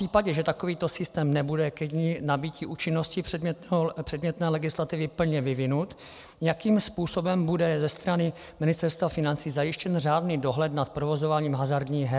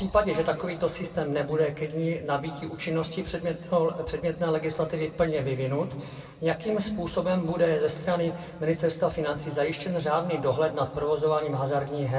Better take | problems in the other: first | room echo; dies away in 1.4 s

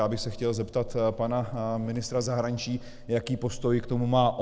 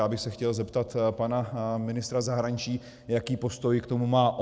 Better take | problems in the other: second | background sound (Livestock, farm animals, working animals); 13 dB below the speech

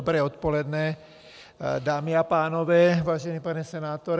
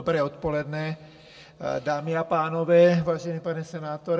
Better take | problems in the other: first | room echo; dies away in 1.4 s

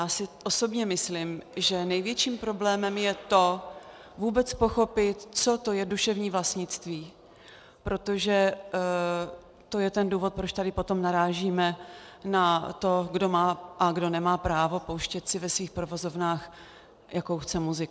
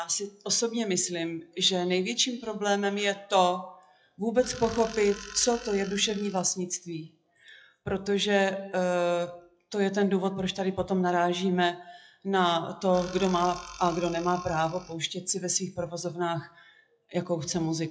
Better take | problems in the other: first | noise reduction (classical method WPE with log-MMSE)

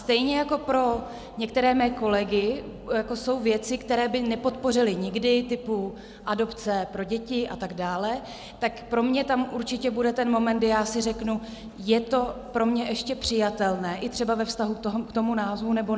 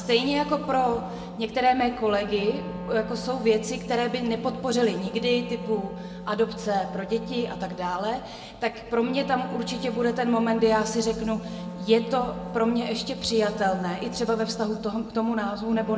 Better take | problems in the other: first | background sound (Wind instrument, woodwind instrument); 12 dB below the speech // room echo; dies away in 1.2 s

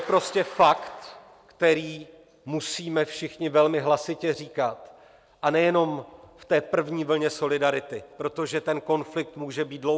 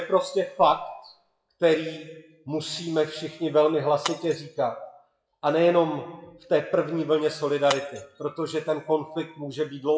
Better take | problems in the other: first | noise reduction (classical method WPE with log-MMSE)

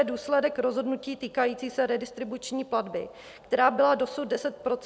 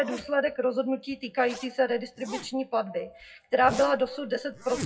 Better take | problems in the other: first | noise reduction (classical method WPE with log-MMSE)

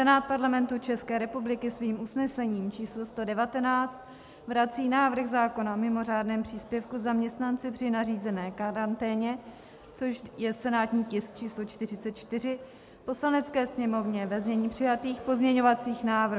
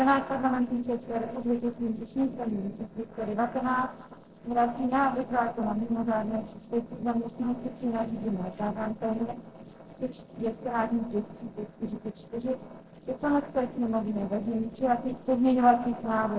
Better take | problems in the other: first | noise reduction (neural separator model SepFormer DNS4)

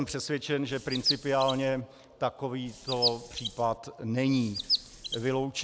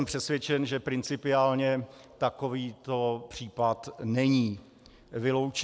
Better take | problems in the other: second | background sound (Chirp, tweet); 4 dB below the speech

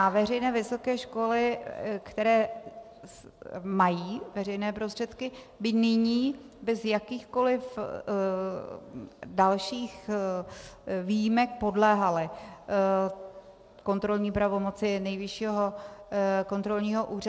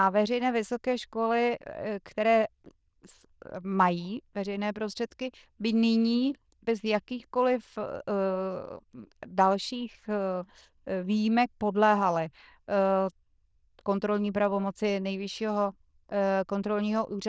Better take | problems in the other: first | noise reduction (neural diffusion model UNIVERSE++)

